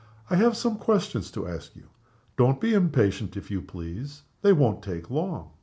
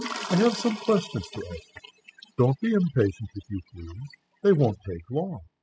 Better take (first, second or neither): first